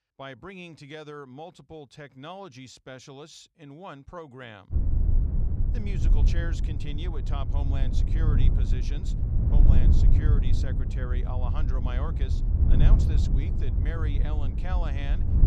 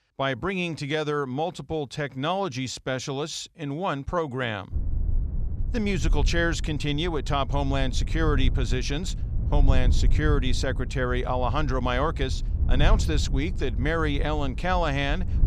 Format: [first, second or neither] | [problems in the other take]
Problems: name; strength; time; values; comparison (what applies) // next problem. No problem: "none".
second | wind noise on the microphone; heavy; from 4.5 s on; 1 dB below the speech; occasional gusts in the second